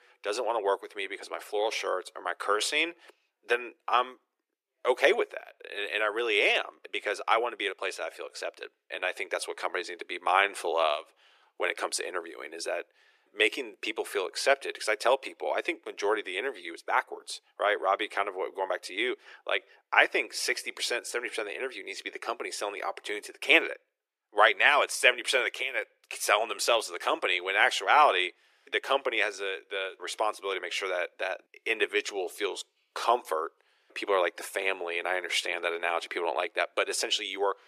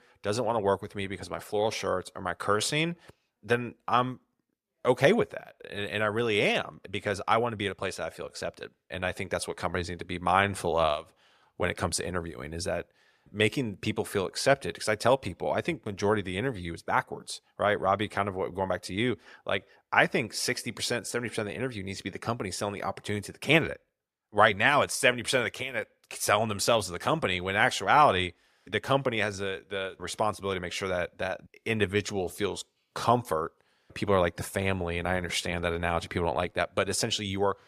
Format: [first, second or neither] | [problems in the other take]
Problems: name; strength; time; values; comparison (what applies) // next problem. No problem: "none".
second | thin; very; fading below 350 Hz